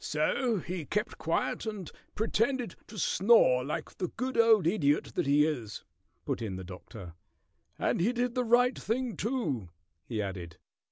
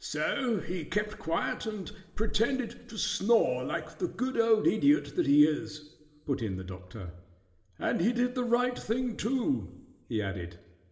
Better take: first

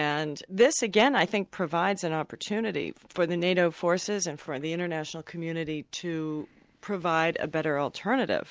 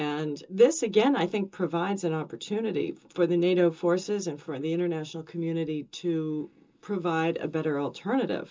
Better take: first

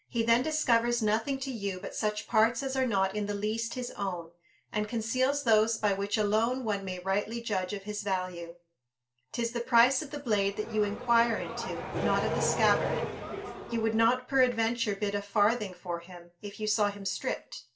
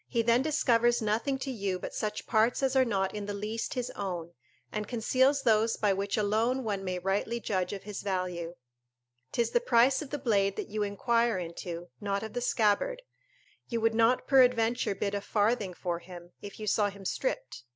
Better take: second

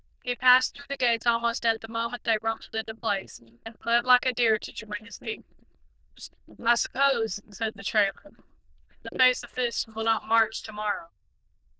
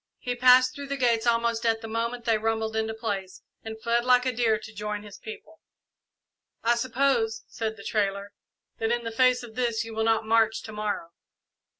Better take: second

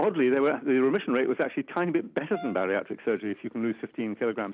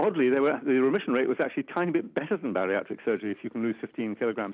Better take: second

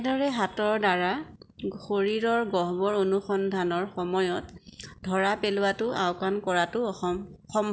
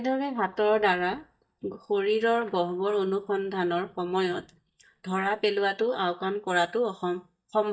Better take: first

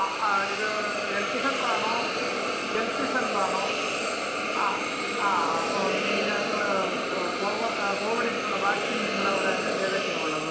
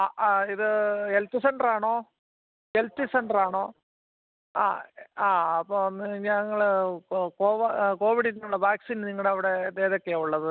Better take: second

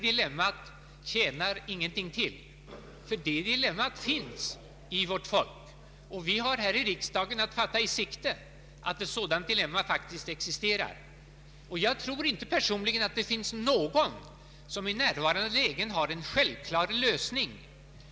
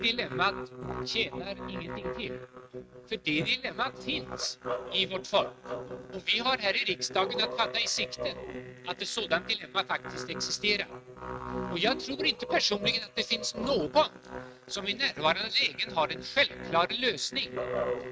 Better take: first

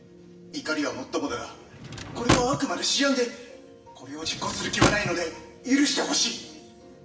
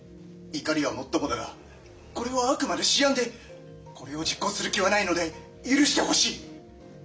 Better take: second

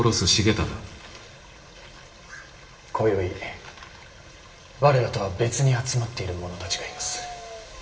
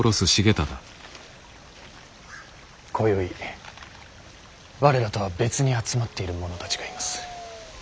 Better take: second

